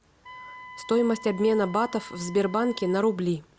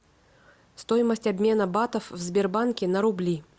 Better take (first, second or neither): second